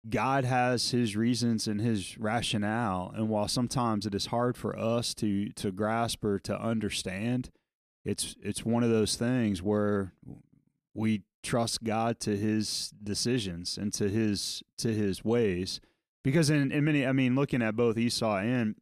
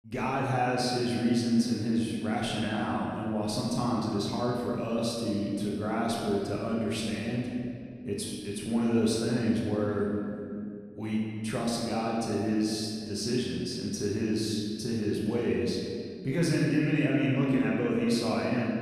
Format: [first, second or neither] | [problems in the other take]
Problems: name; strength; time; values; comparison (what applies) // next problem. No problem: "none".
first | off-mic speech; far // room echo; noticeable; dies away in 2 s